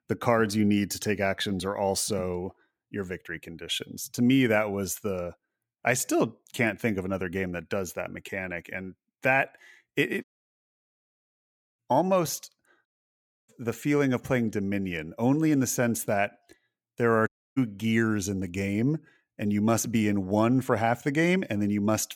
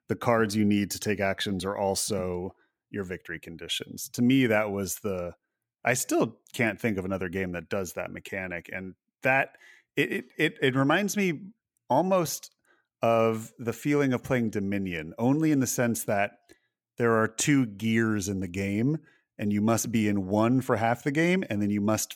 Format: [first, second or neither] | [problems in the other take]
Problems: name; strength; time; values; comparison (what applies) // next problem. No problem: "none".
second | audio cutting out; at 10 s for 1.5 s, at 13 s for 0.5 s and at 17 s